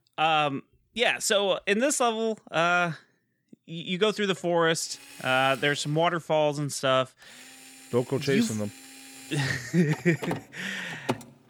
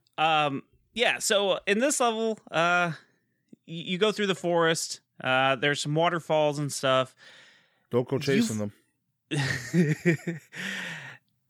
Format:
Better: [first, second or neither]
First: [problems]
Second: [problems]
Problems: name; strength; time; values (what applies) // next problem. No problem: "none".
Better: second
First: machinery noise; noticeable; from 5 s on; 15 dB below the speech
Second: none